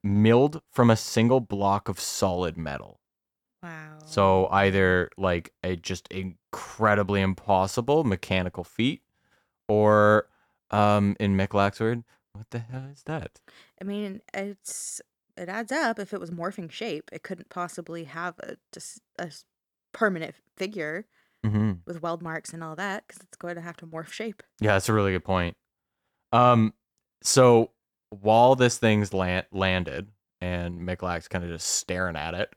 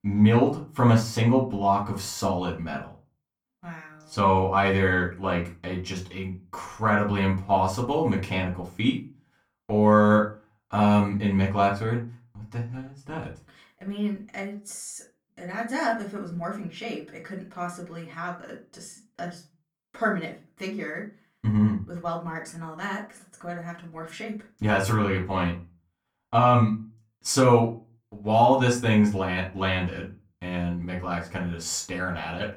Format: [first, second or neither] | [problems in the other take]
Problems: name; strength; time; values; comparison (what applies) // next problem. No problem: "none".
first | off-mic speech; far // room echo; slight; dies away in 0.3 s